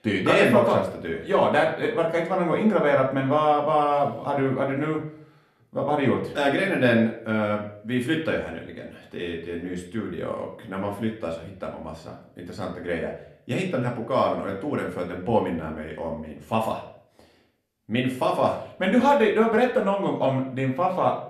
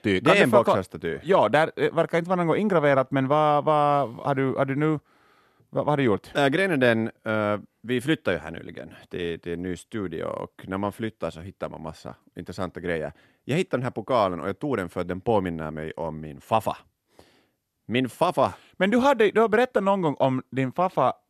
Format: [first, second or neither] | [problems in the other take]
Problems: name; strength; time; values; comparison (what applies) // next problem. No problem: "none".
second | room echo; slight; dies away in 0.5 s // off-mic speech; somewhat distant